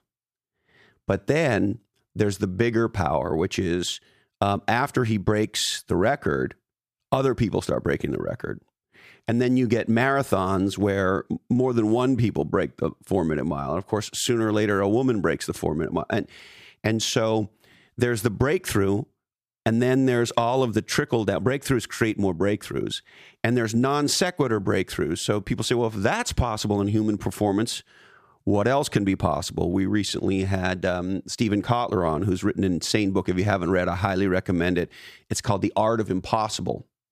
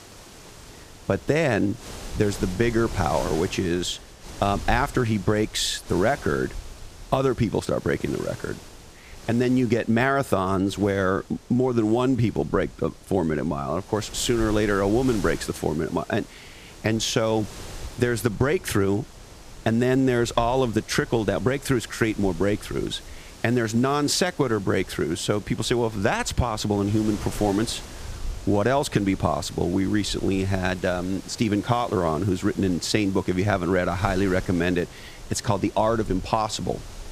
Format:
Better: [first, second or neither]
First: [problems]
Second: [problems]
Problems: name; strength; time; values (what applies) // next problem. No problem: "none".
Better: first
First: none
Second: wind noise on the microphone; occasional gusts; 20 dB below the speech